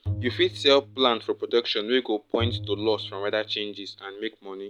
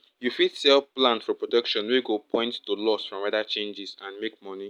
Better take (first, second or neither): second